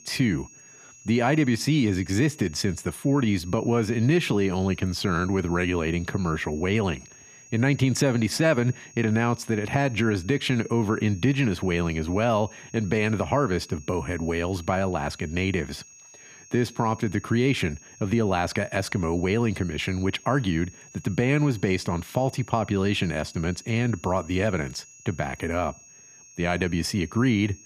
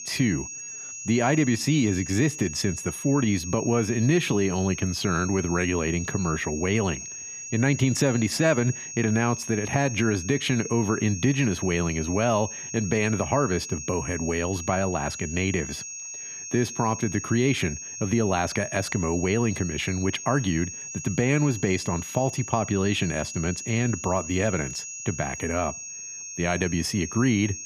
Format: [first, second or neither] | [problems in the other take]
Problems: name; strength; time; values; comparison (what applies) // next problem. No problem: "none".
first | high-pitched whine; loud; throughout; 6.5 kHz, 9 dB below the speech; faint in the first